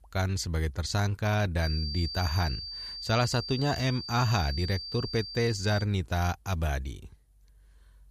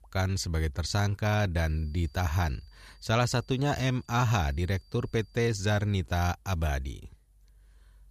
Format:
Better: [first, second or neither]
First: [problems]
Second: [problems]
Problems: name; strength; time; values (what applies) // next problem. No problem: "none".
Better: second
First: high-pitched whine; loud; from 1.5 to 6 s; 4.5 kHz, 7 dB below the speech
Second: high-pitched whine; faint; from 1.5 to 6 s; 4.5 kHz, 35 dB below the speech